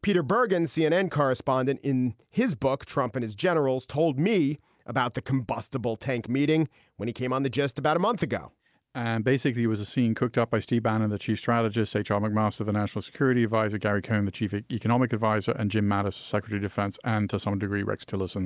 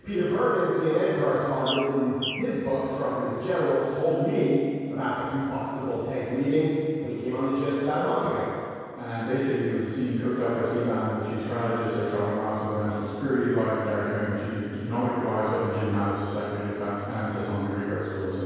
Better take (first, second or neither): first